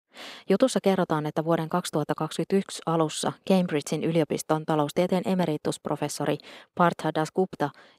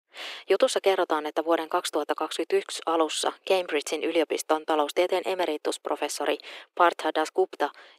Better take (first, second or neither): first